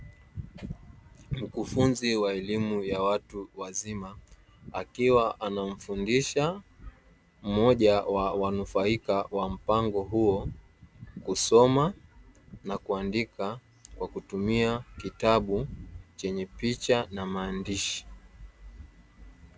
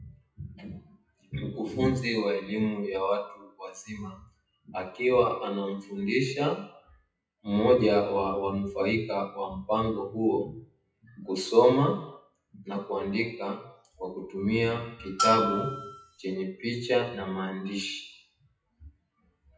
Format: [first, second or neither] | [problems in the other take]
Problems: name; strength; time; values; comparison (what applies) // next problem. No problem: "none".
first | noise reduction (classical method WPE with log-MMSE)